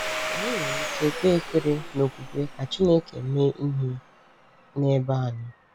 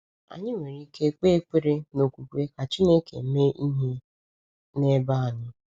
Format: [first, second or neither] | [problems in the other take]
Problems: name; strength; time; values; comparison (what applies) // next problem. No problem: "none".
second | background sound (Domestic sounds, home sounds); 9 dB below the speech